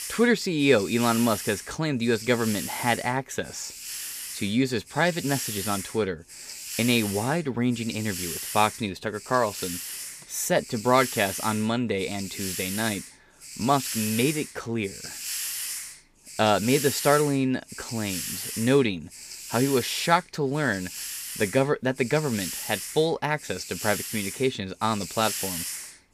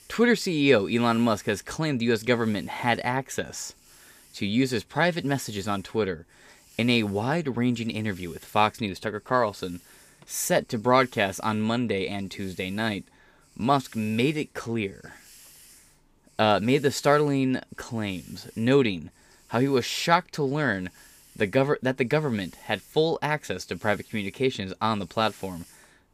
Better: second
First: hiss; loud; throughout; 7 dB below the speech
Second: hiss; faint; throughout; 25 dB below the speech

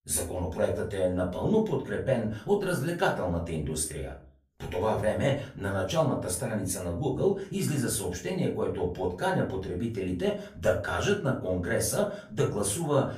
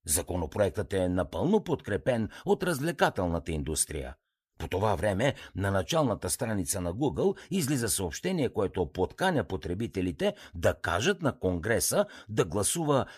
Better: second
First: room echo; slight; dies away in 0.3 s // off-mic speech; far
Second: none

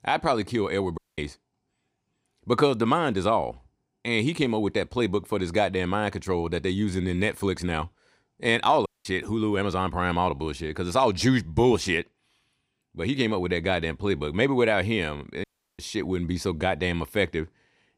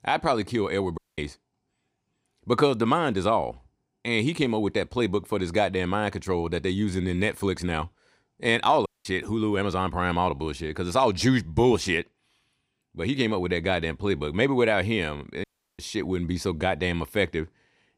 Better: neither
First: audio cutting out; at 1 s, at 9 s and at 15 s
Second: audio cutting out; at 1 s, at 9 s and at 15 s

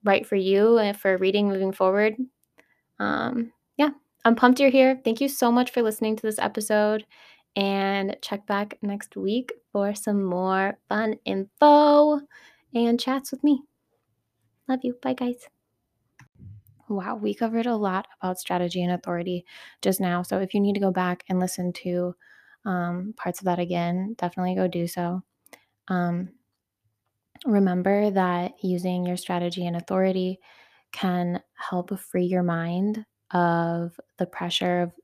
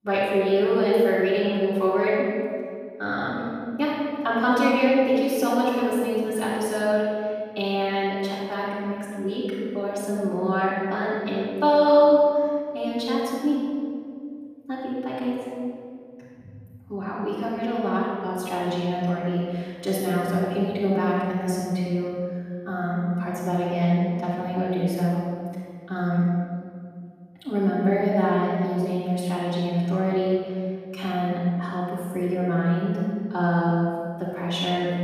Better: first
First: none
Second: off-mic speech; far // room echo; strong; dies away in 2 s

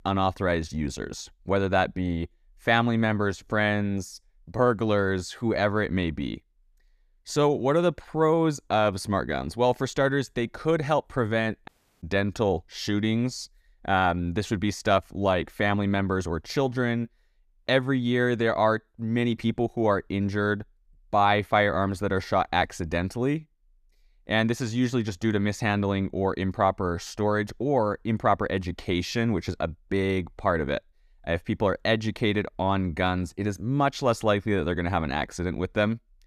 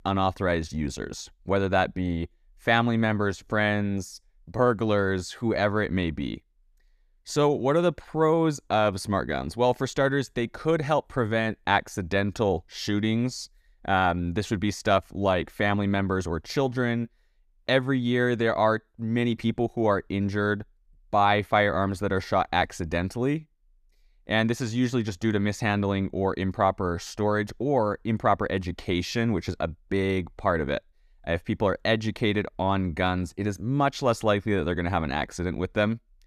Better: second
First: audio cutting out; at 12 s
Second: none

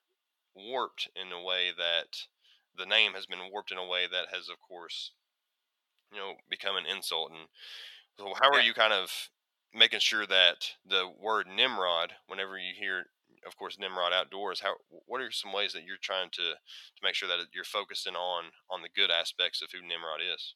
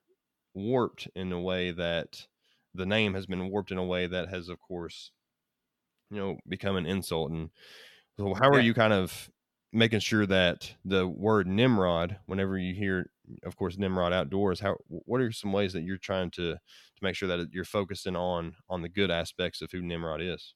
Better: second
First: thin; very; fading below 800 Hz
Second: none

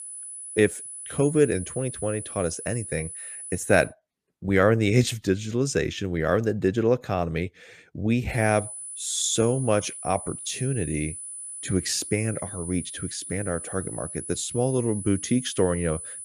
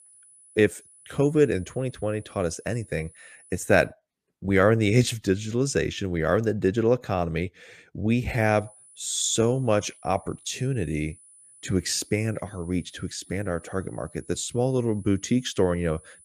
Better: second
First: high-pitched whine; loud; until 4 s and from 8.5 s on; 10 kHz, 9 dB below the speech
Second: high-pitched whine; faint; until 4 s and from 8.5 s on; 10 kHz, 25 dB below the speech

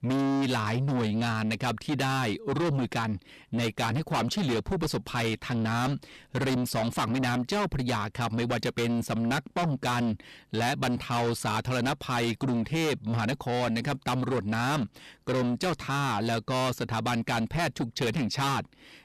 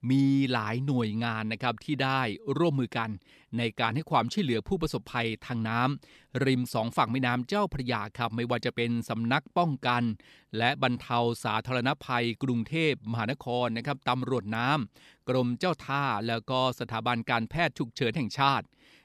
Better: second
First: distortion; heavy; 6 dB below the speech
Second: none

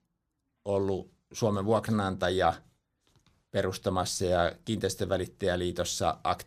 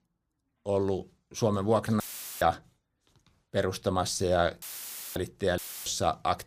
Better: first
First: none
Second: audio cutting out; filled with static; at 2 s, at 4.5 s for 0.5 s and at 5.5 s

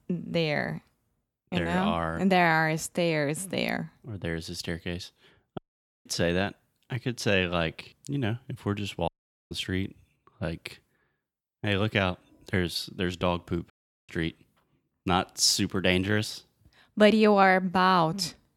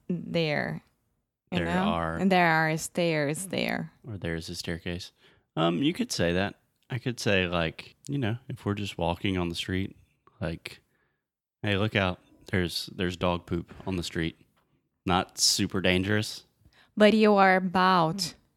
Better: second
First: audio cutting out; at 5.5 s, at 9 s and at 14 s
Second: none

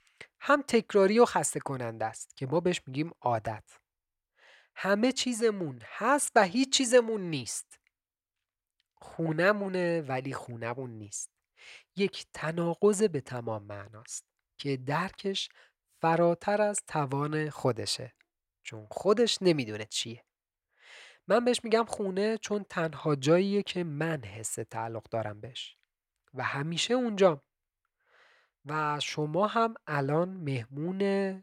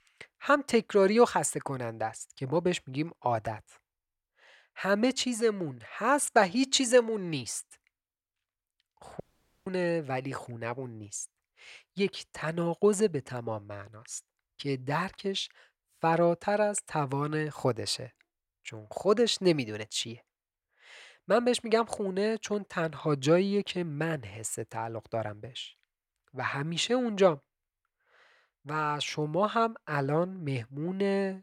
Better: first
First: none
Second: audio cutting out; at 9 s

